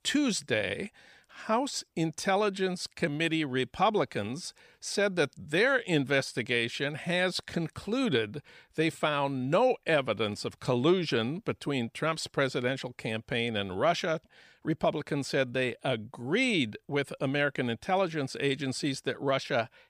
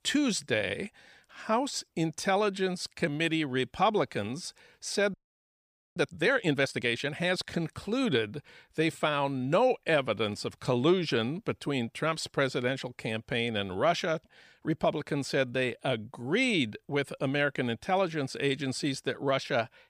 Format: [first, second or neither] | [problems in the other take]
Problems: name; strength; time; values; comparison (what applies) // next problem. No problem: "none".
first | audio freezing; at 5 s for 1 s